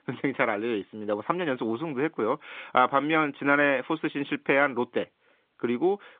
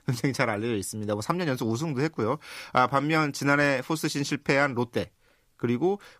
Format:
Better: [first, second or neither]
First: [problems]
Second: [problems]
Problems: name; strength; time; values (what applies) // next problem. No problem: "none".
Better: second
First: phone-call audio; nothing above 3.5 kHz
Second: none